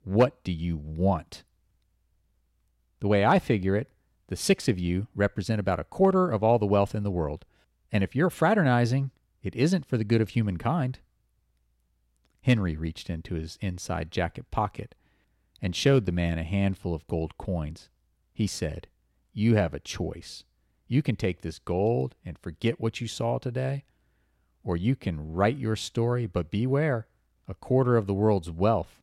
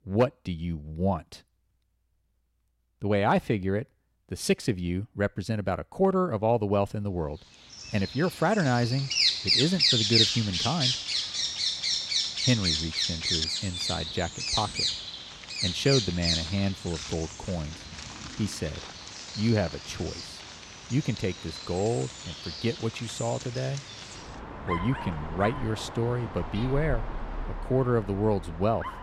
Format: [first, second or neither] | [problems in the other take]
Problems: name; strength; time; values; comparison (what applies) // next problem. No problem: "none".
first | animal sounds; very loud; from 7.5 s on; 1 dB above the speech